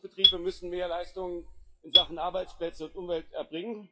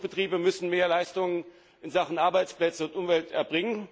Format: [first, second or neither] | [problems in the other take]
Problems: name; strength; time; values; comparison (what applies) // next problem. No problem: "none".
second | noise reduction (classical method WPE with log-MMSE)